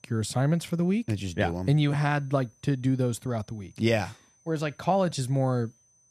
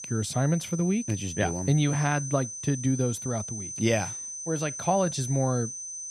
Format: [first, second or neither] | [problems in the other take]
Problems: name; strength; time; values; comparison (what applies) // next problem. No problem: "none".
first | high-pitched whine; loud; throughout; 6 kHz, 7 dB below the speech; faint in the first